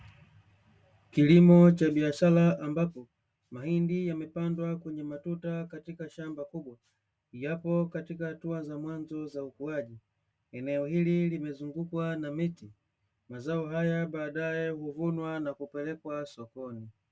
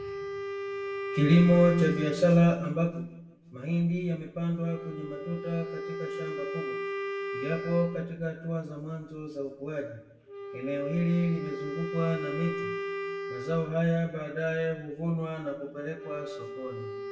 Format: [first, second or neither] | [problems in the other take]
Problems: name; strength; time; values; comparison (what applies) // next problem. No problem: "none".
first | background sound (Wind instrument, woodwind instrument); 8 dB below the speech // room echo; dies away in 0.8 s